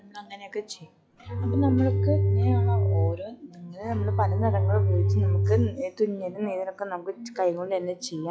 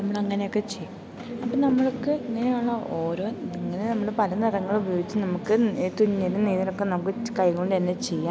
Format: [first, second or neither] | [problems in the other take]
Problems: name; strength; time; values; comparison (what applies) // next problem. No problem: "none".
second | noise reduction (classical method log-MMSE)